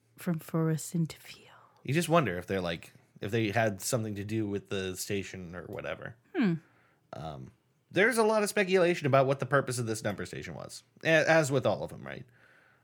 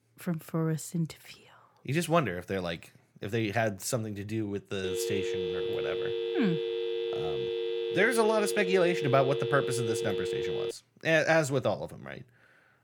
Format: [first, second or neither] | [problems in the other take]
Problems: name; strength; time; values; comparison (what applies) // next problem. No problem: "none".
first | phone ringing; noticeable; from 5 to 11 s; peak 2 dB below the speech